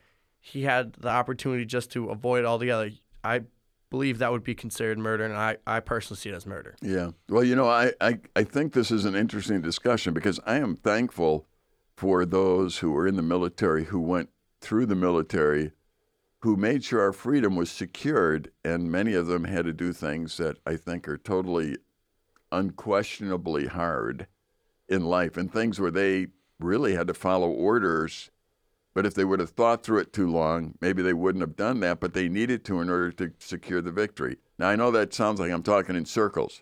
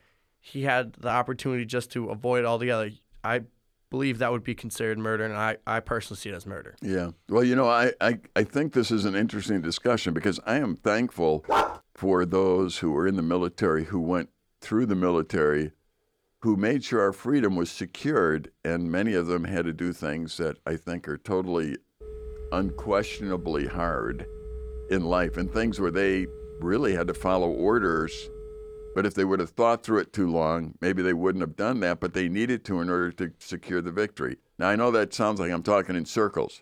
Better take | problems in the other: first | dog barking; loud; at 11 s; peak 2 dB above the speech // phone ringing; faint; from 22 to 29 s; peak 10 dB below the speech

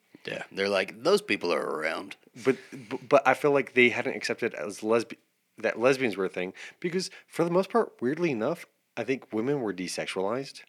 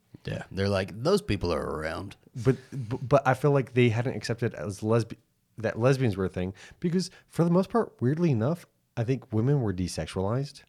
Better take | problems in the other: second | thin; somewhat; fading below 250 Hz

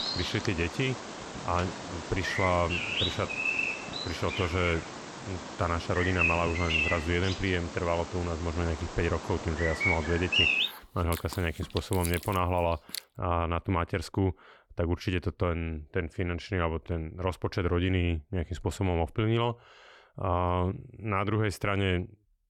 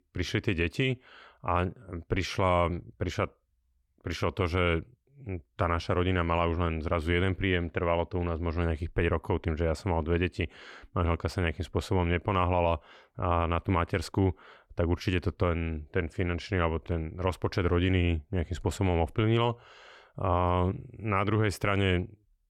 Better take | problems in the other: second | animal sounds; loud; until 13 s; 1 dB below the speech

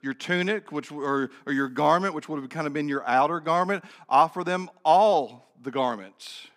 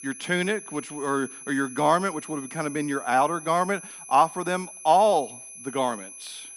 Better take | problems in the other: first | high-pitched whine; noticeable; throughout; 11 kHz, 15 dB below the speech

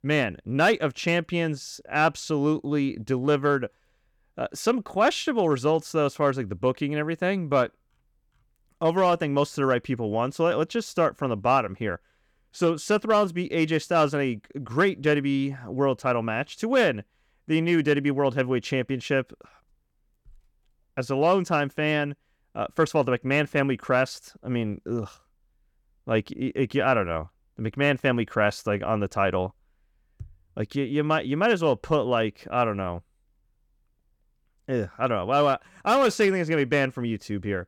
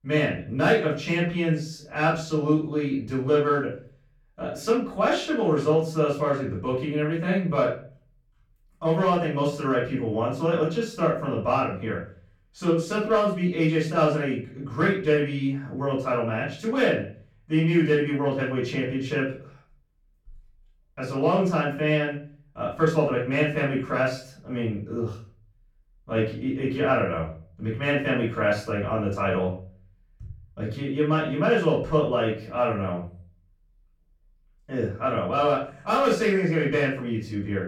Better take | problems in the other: first | off-mic speech; far // room echo; noticeable; dies away in 0.4 s

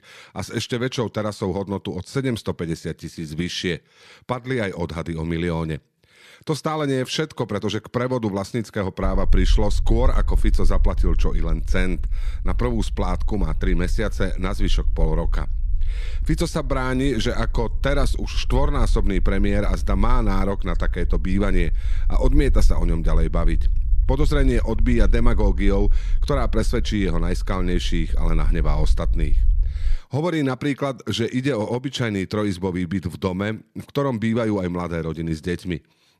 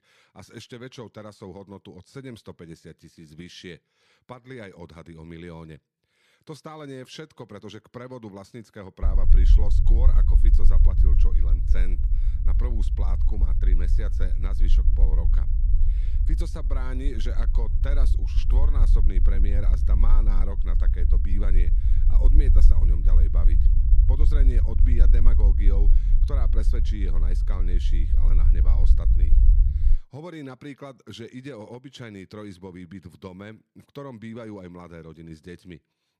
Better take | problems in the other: first | low rumble; loud; from 9 to 30 s; 4 dB below the speech; faint in the first

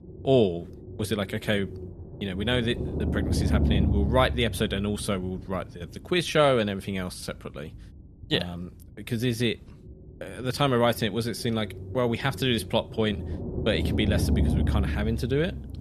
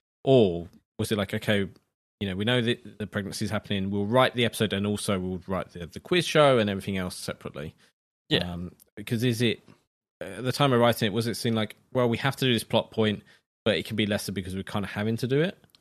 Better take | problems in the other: second | low rumble; noticeable; throughout; 10 dB below the speech

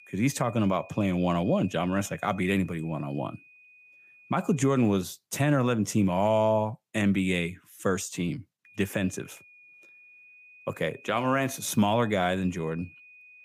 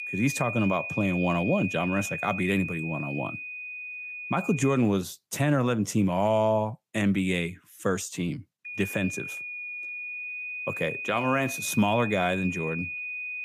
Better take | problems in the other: first | high-pitched whine; loud; until 5 s and from 8.5 s on; 2.5 kHz, 6 dB below the speech; faint in the first

